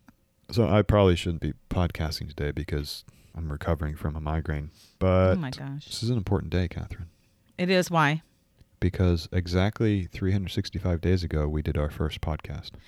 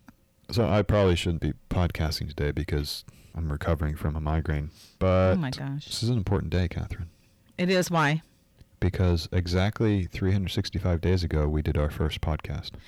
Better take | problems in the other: first | distortion; slight; 10 dB below the speech

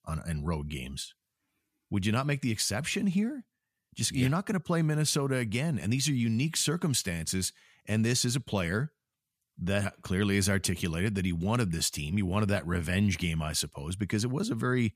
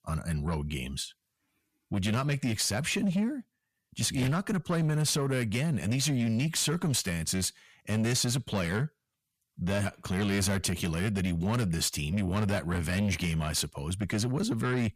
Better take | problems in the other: first | distortion; slight; 10 dB below the speech

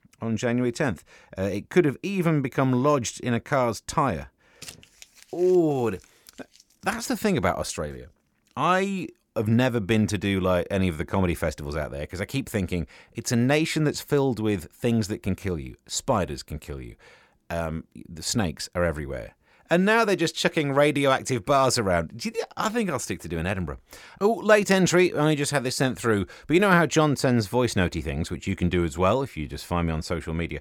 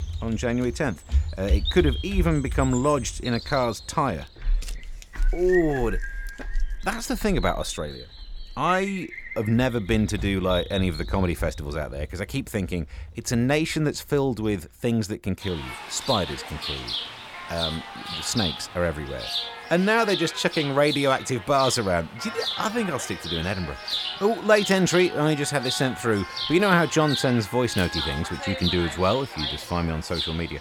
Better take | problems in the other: first | animal sounds; loud; throughout; 7 dB below the speech

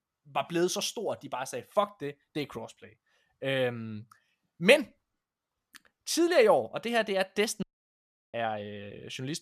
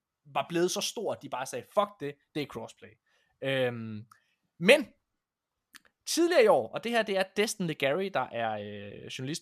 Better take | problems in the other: second | audio cutting out; at 7.5 s for 0.5 s

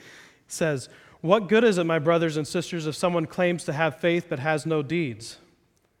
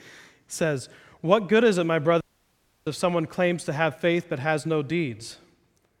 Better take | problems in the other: first | audio cutting out; at 2 s for 0.5 s

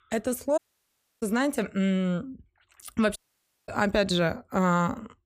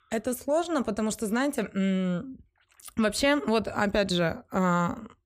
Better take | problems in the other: second | audio cutting out; at 0.5 s for 0.5 s and at 3 s for 0.5 s

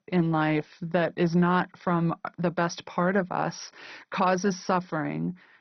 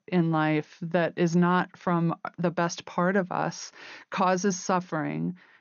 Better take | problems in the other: second | garbled, watery; badly; nothing above 6 kHz; slightly in the second

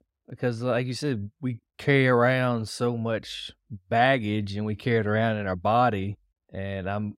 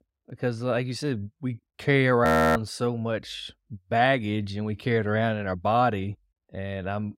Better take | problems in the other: first | audio freezing; at 2.5 s

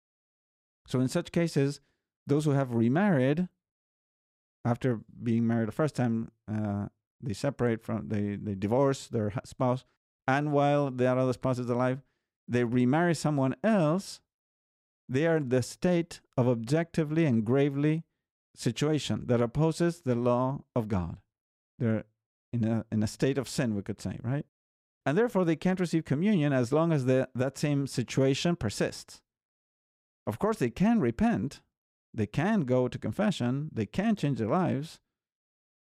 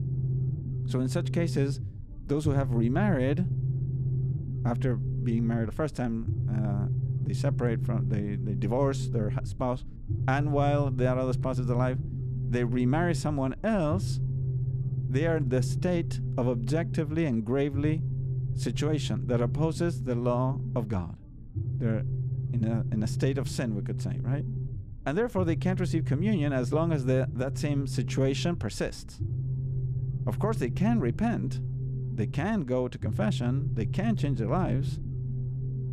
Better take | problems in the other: first | low rumble; noticeable; throughout; 10 dB below the speech

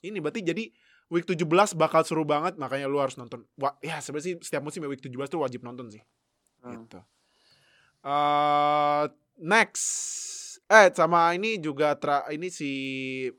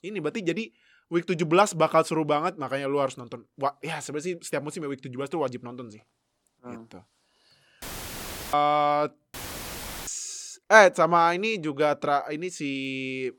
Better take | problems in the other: first | audio cutting out; filled with static; at 8 s for 0.5 s and at 9.5 s for 0.5 s

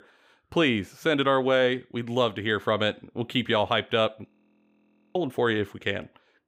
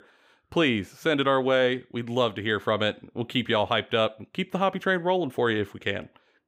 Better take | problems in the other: second | audio freezing; at 4.5 s for 1 s

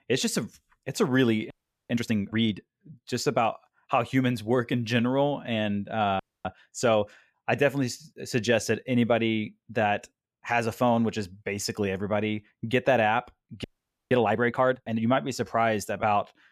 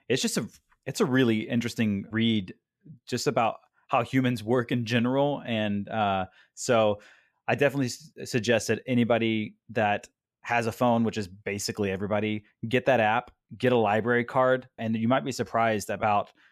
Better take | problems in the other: second | audio freezing; at 1.5 s, at 6 s and at 14 s

